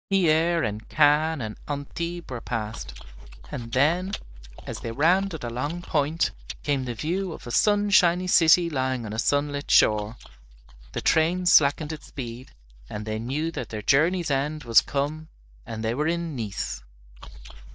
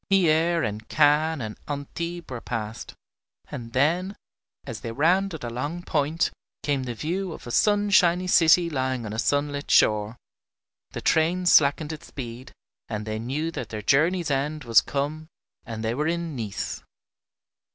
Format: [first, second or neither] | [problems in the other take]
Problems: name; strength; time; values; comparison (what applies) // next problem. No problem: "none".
second | noise reduction (neural mask model DeepFilterNet 3)